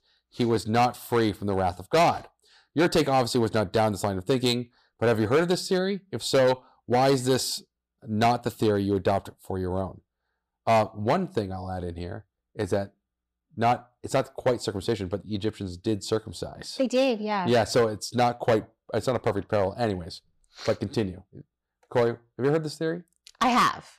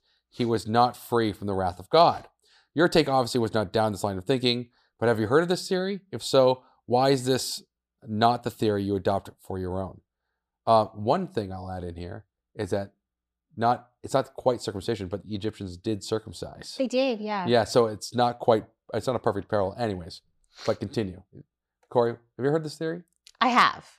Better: second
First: distortion; slight; 4% of the sound clipped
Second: none

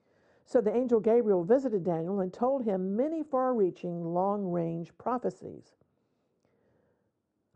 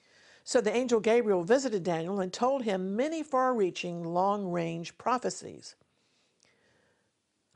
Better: second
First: muffled; very; fading above 1.5 kHz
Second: none

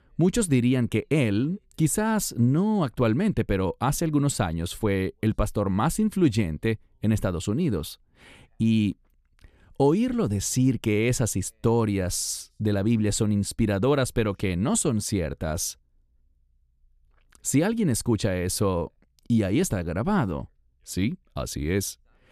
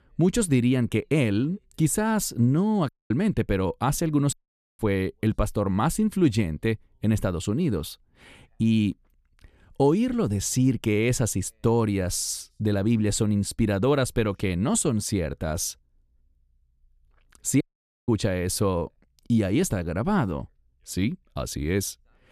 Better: first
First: none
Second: audio cutting out; at 3 s, at 4.5 s and at 18 s

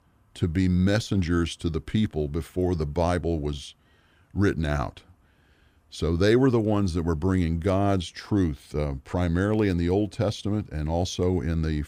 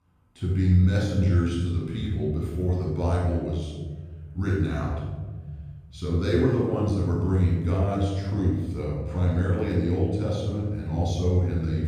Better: first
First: none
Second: off-mic speech; far // room echo; strong; dies away in 2.4 s

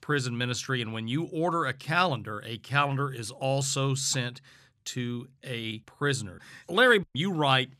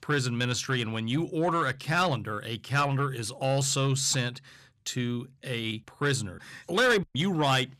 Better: first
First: none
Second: distortion; slight; 10 dB below the speech

